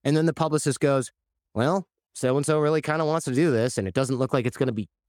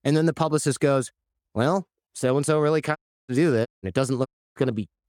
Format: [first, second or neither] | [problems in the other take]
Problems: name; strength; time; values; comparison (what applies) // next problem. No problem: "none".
first | audio cutting out; at 3 s, at 3.5 s and at 4.5 s